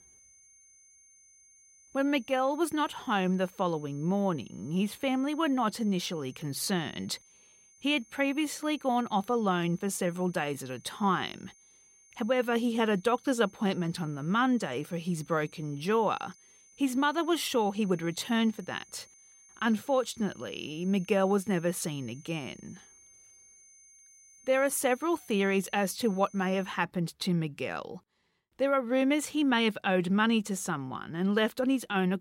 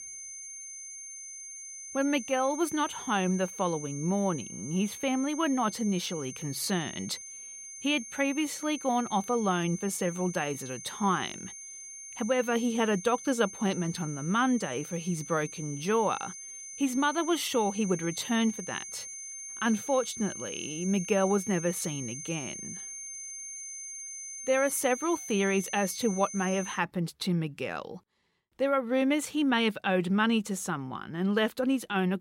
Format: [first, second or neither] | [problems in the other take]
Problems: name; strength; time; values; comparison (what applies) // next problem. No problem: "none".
first | high-pitched whine; loud; until 27 s; 6.5 kHz, 10 dB below the speech; faint in the first